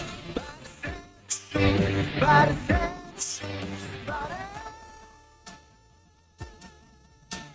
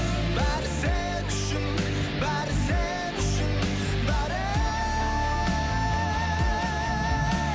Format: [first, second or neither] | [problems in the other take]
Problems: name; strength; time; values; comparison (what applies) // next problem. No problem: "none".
second | noise reduction (neural mask model RNNoise)